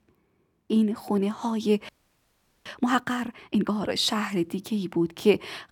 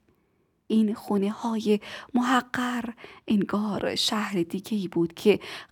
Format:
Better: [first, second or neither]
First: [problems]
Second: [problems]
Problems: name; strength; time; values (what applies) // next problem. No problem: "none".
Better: second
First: audio freezing; at 2 s for 1 s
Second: none